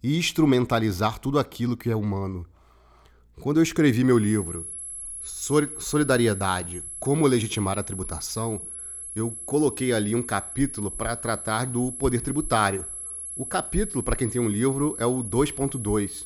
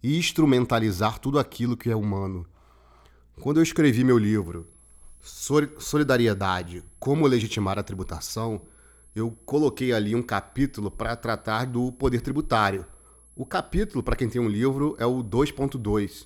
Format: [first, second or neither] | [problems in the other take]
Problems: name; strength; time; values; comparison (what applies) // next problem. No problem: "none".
second | high-pitched whine; loud; from 4 s on; 11 kHz, 8 dB below the speech; faint in the second